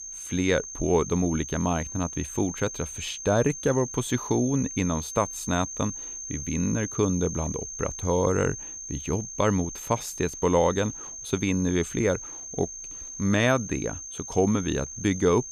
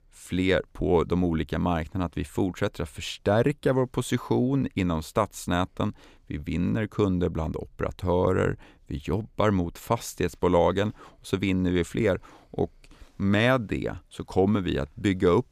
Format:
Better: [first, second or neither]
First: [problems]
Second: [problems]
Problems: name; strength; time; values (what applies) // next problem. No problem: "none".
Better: second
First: high-pitched whine; loud; throughout; 6.5 kHz, 8 dB below the speech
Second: none